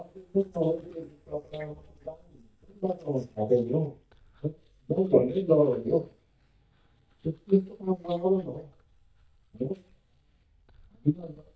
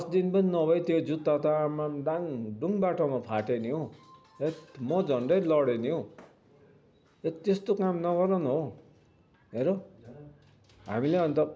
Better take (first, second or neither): second